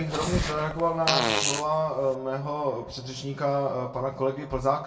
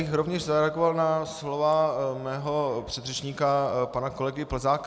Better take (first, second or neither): second